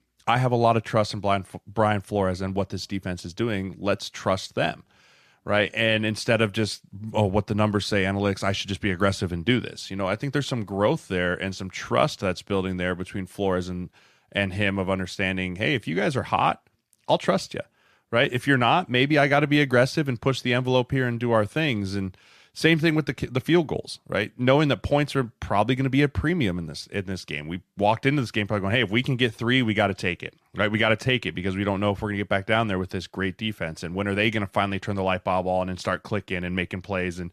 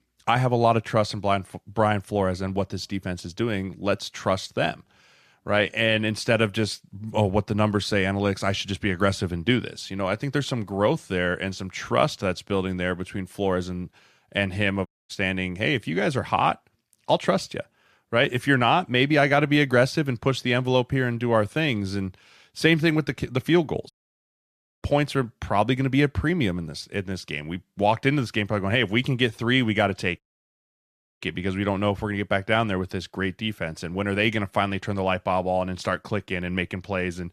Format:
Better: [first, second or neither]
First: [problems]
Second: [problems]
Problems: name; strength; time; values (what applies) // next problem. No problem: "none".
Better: first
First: none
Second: audio cutting out; at 15 s, at 24 s for 1 s and at 30 s for 1 s